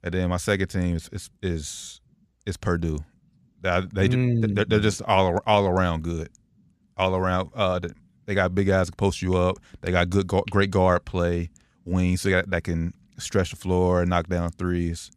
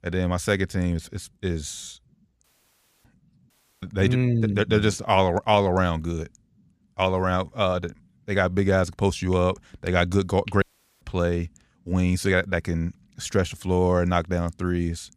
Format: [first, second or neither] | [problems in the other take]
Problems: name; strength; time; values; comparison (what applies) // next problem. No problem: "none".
first | audio cutting out; at 2.5 s for 0.5 s, at 3.5 s and at 11 s